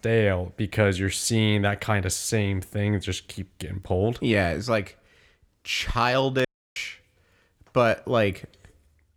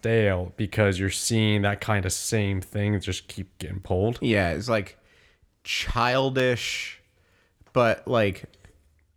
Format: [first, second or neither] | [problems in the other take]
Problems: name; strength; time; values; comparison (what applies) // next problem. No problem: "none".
second | audio cutting out; at 6.5 s